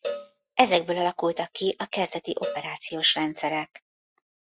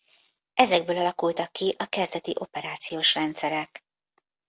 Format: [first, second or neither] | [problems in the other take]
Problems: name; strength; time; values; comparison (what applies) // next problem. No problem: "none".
second | noise reduction (classical method Wiener filter)